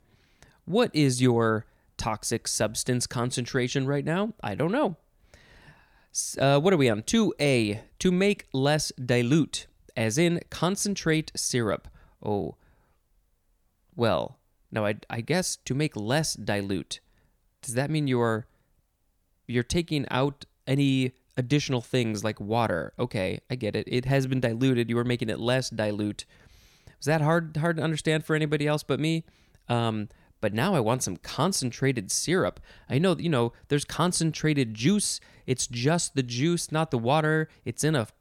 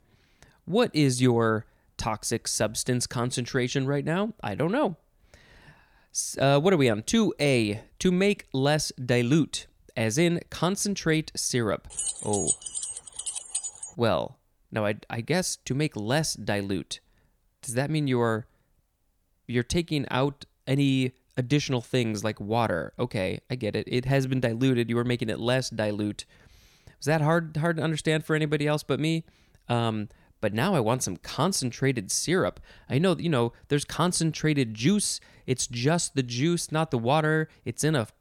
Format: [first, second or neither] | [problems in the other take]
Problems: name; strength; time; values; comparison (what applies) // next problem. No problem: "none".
first | jangling keys; noticeable; from 12 to 14 s; peak level with the speech